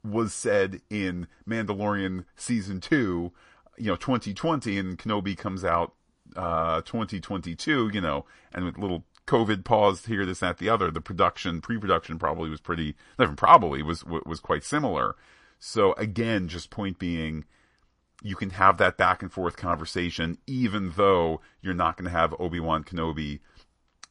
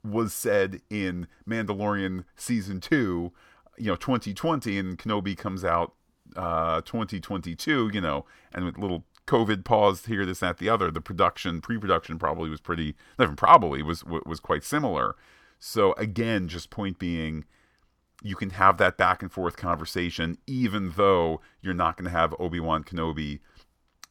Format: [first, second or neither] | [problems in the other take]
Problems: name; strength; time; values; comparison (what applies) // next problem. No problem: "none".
second | garbled, watery; slightly; nothing above 10 kHz